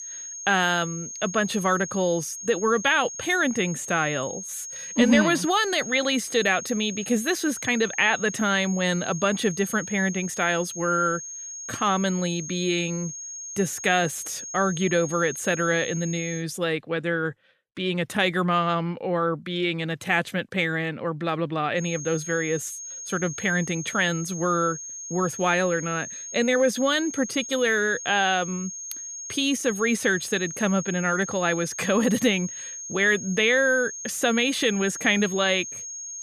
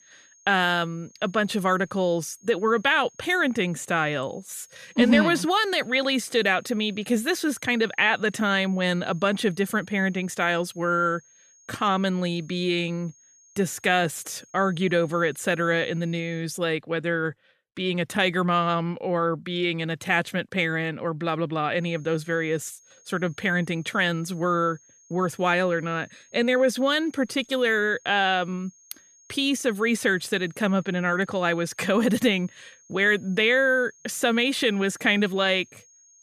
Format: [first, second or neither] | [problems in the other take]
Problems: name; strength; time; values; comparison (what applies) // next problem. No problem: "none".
second | high-pitched whine; loud; until 16 s and from 22 s on; 6.5 kHz, 9 dB below the speech; faint in the second